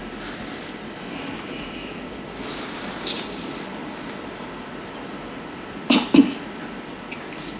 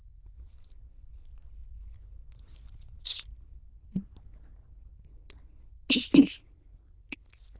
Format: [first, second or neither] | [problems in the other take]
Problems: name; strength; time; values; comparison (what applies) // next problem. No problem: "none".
first | noise reduction (neural diffusion model UNIVERSE++)